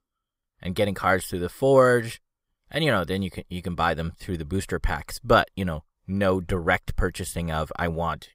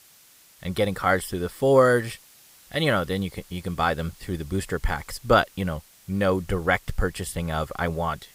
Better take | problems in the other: first | hiss; faint; throughout; 25 dB below the speech

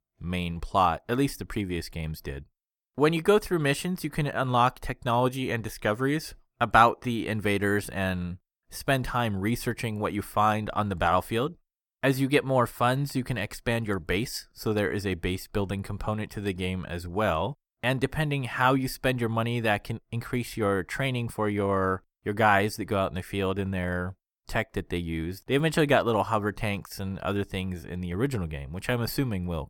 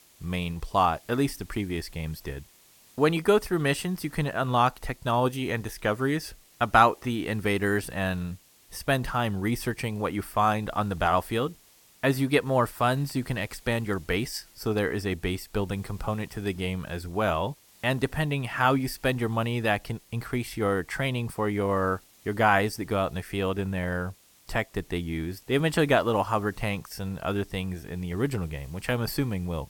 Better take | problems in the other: first | hiss; faint; throughout; 25 dB below the speech

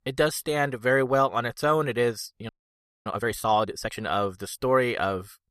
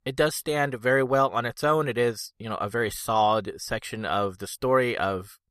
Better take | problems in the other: second | audio freezing; at 2.5 s for 0.5 s

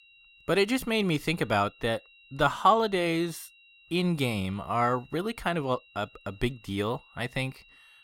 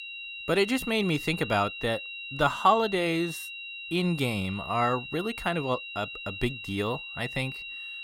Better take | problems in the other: first | high-pitched whine; loud; throughout; 3 kHz, 8 dB below the speech; faint in the first

